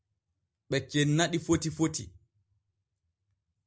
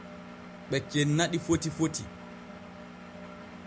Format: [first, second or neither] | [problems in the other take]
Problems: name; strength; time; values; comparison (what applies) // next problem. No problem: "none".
first | background sound (Engine); 12 dB below the speech